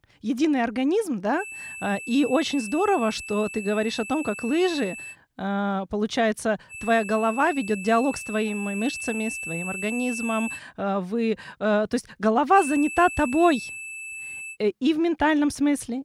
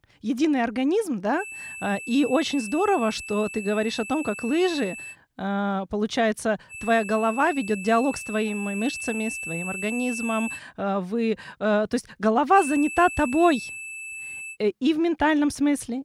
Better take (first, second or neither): neither